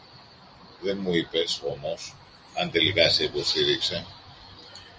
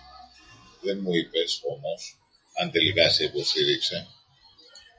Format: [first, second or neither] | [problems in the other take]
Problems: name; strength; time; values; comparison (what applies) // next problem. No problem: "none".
first | noise reduction (classical method log-MMSE)